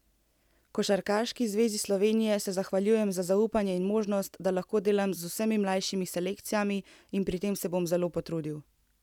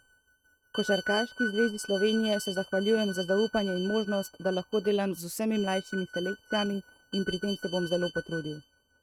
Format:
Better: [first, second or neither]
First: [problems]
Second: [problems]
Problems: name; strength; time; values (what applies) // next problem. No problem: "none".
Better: first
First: none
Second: noise reduction (neural mask model RNNoise)